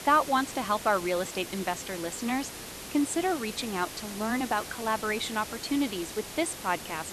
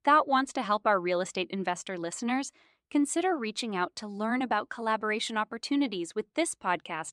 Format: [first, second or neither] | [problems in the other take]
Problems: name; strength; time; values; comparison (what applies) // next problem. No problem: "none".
second | hiss; loud; throughout; 9 dB below the speech